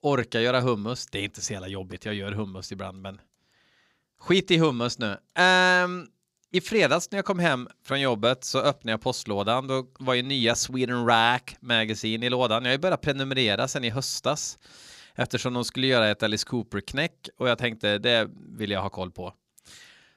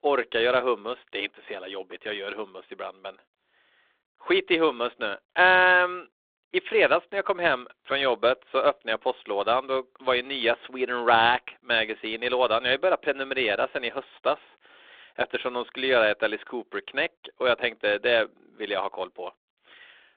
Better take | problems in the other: first | phone-call audio; nothing above 3.5 kHz

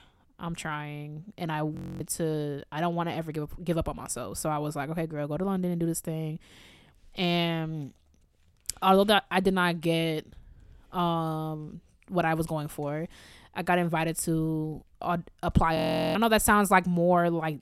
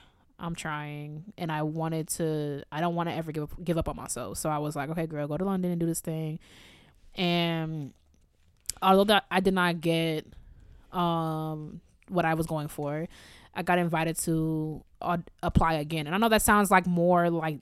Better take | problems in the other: second | audio freezing; at 2 s and at 16 s

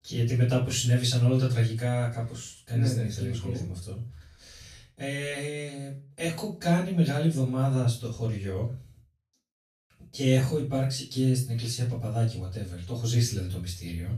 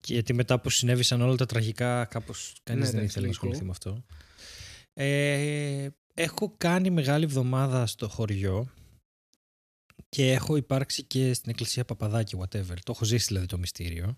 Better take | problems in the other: second | room echo; slight; dies away in 0.3 s // off-mic speech; far

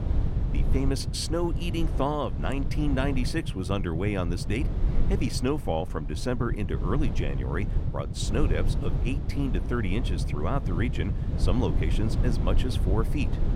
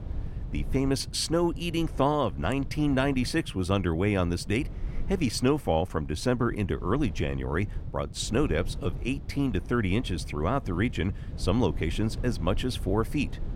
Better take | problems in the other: second | low rumble; loud; throughout; 9 dB below the speech; faint in the second

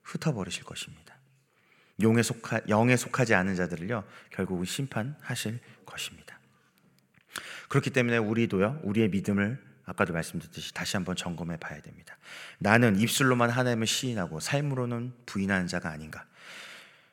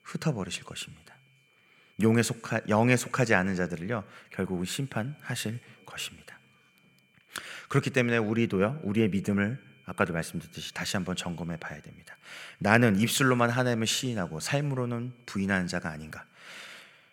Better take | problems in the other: first | high-pitched whine; faint; throughout; 2.5 kHz, 35 dB below the speech

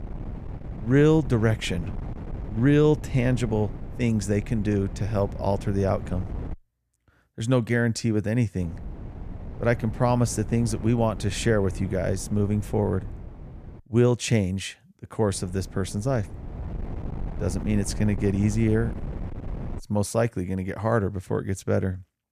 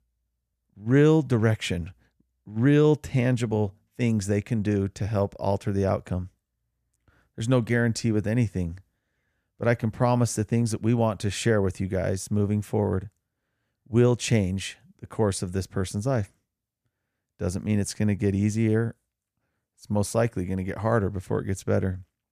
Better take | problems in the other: second | wind noise on the microphone; occasional gusts; until 6.5 s, from 8.5 to 14 s and from 15 to 20 s; 15 dB below the speech

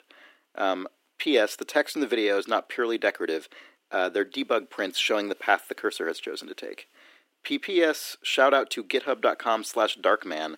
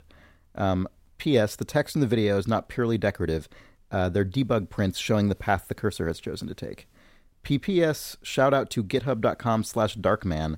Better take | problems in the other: second | thin; somewhat; fading below 300 Hz

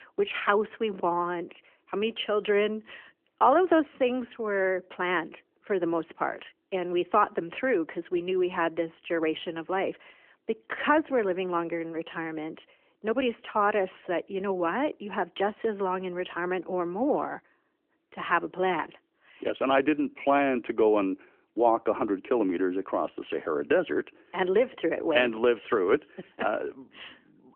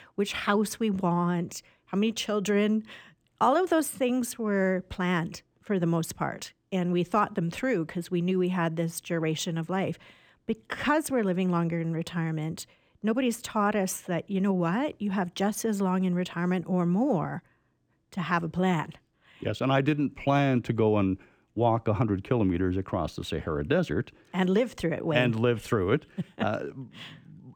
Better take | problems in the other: second | phone-call audio; nothing above 3 kHz

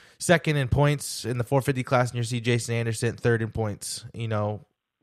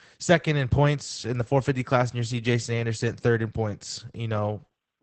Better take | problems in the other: first | garbled, watery; badly; nothing above 8 kHz

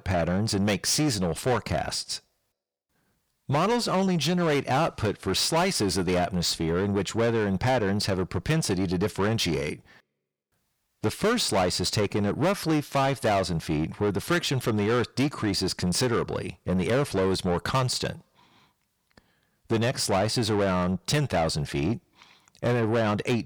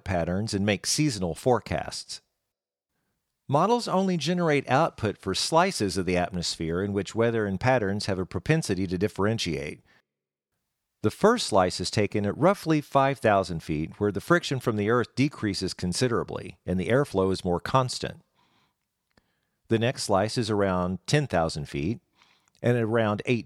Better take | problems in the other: second | distortion; heavy; 7 dB below the speech

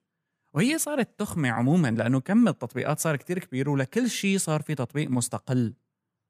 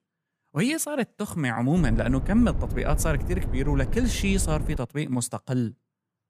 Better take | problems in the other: first | wind noise on the microphone; faint; from 2 to 5 s; 15 dB below the speech

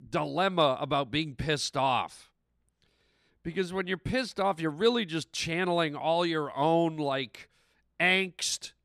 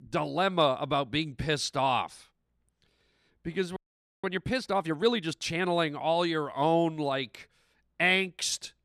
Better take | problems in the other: first | audio freezing; at 4 s

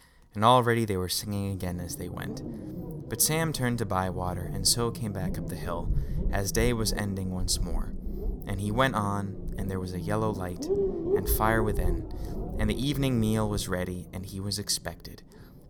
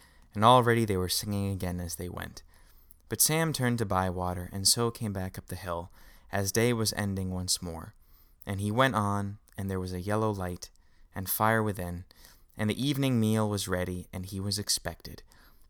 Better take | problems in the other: second | low rumble; noticeable; throughout; 10 dB below the speech

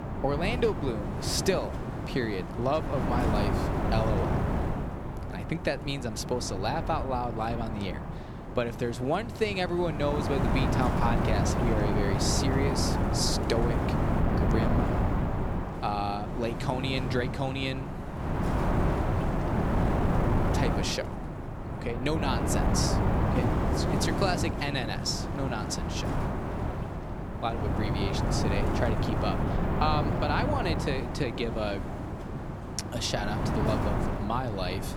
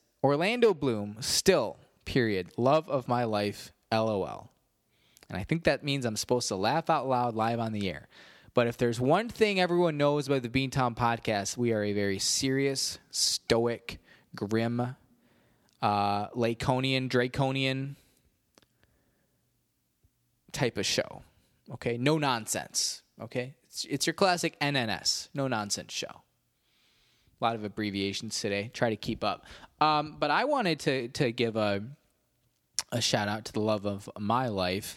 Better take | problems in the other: second | wind noise on the microphone; heavy; 2 dB below the speech

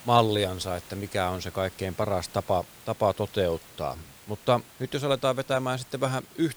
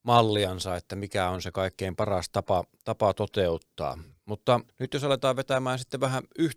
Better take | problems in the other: second | hiss; noticeable; throughout; 20 dB below the speech

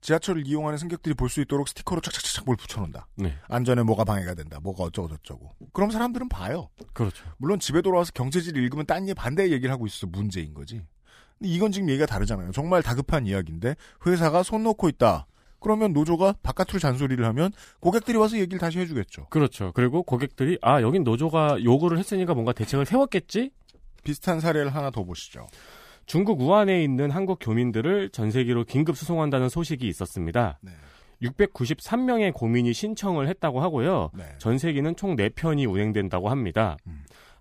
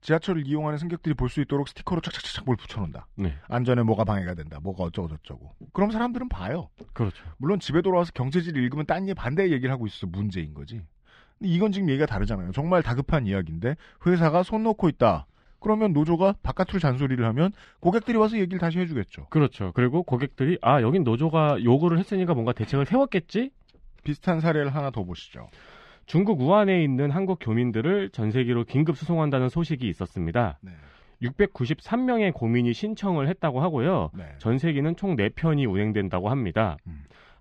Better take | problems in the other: first | muffled; slightly; fading above 3 kHz

